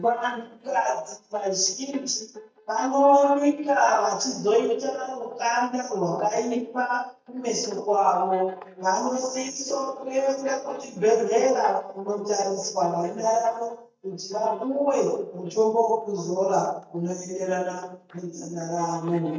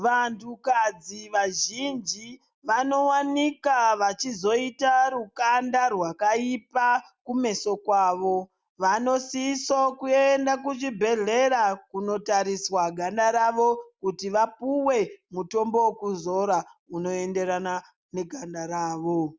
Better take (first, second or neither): second